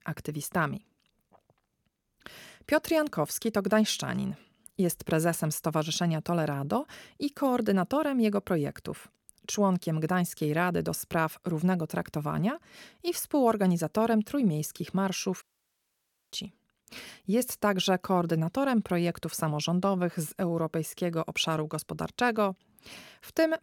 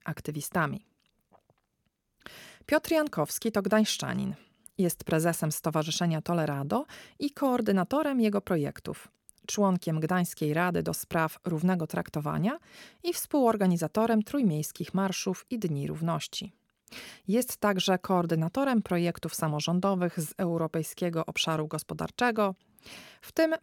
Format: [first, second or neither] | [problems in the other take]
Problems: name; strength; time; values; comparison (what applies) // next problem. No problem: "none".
second | audio cutting out; at 15 s for 1 s